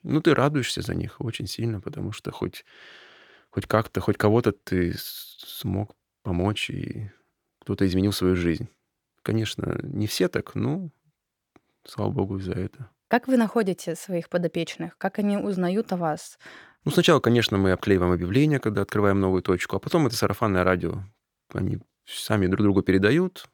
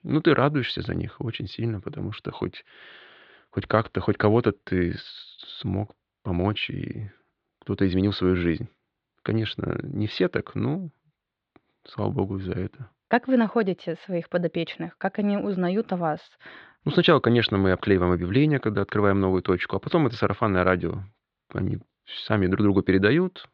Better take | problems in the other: first | muffled; very slightly; fading above 4 kHz

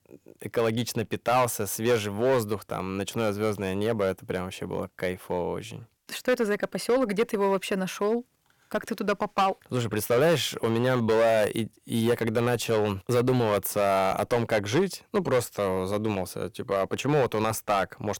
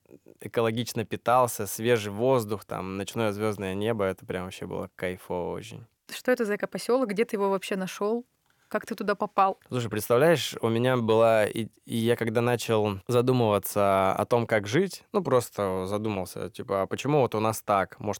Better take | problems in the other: second | distortion; slight; 6% of the sound clipped

